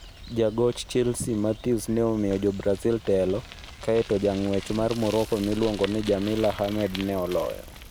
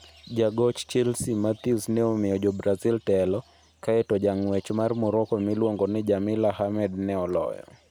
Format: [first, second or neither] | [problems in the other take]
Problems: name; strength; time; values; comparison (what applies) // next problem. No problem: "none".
second | background sound (Bicycle); 15 dB below the speech